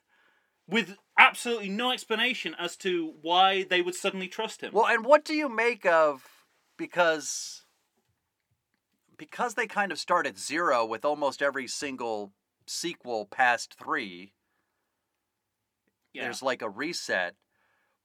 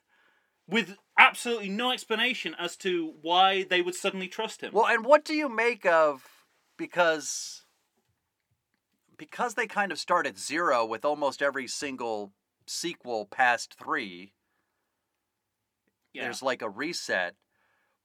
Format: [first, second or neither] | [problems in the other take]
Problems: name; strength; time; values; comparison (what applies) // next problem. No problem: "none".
neither | thin; very slightly; fading below 300 Hz; the same in both